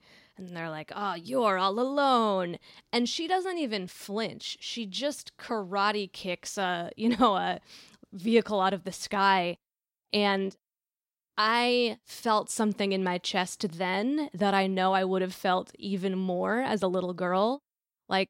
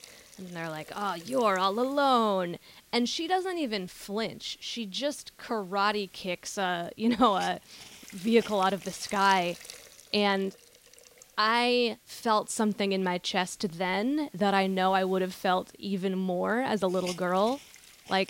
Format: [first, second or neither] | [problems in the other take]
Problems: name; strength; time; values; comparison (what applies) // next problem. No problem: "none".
first | hiss; faint; throughout; 20 dB below the speech